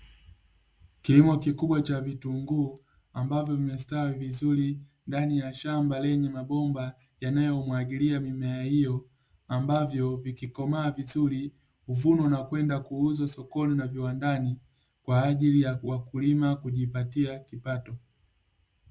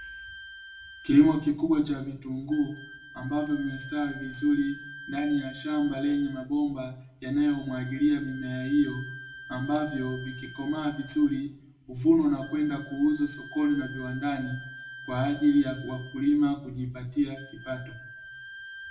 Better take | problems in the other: first | background sound (Wind instrument, woodwind instrument); 17 dB below the speech // room echo; dies away in 0.6 s

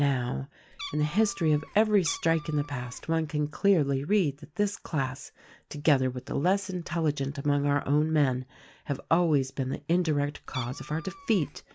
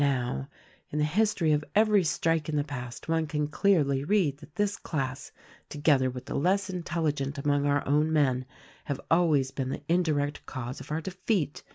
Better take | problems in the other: second | background sound (Meow); 17 dB below the speech

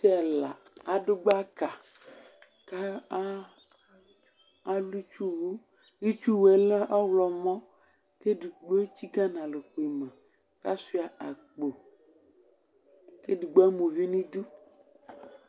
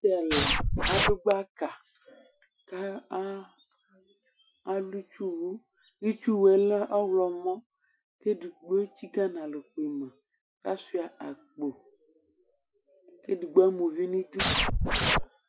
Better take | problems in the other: first | noise reduction (classical method Wiener filter)

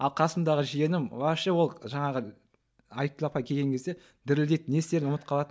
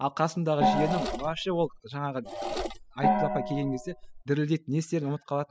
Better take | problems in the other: first | noise reduction (classical method spectral subtraction)

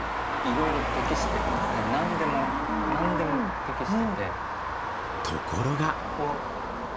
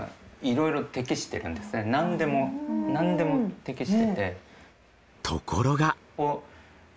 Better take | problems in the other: second | background sound (Traffic noise, roadway noise); 1 dB above the speech

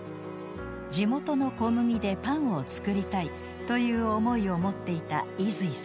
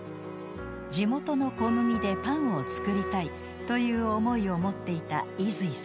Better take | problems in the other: first | background sound (Wind instrument, woodwind instrument); 9 dB below the speech

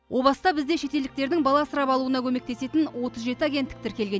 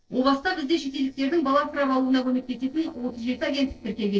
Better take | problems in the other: first | noise reduction (neural separator model SepFormer DNS4)

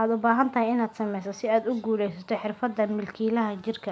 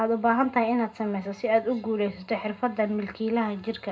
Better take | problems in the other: first | room echo; dies away in 0.2 s

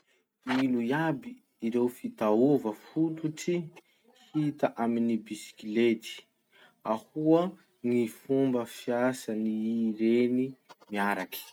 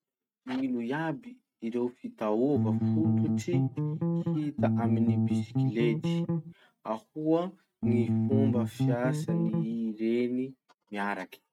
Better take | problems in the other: first | noise reduction (neural mask model RNNoise)

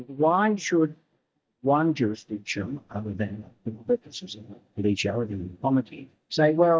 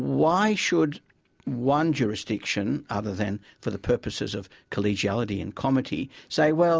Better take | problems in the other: second | noise reduction (neural mask model DeepFilterNet 3)

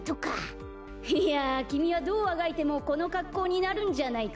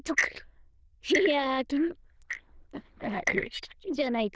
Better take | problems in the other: first | noise reduction (neural diffusion model UNIVERSE++)

